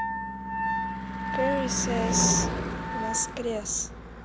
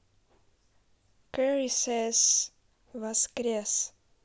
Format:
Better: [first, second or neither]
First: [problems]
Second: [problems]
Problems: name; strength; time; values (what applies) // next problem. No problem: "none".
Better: second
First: background sound (Car passing by / Engine / Truck + Wind instrument, woodwind instrument); 1 dB above the speech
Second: none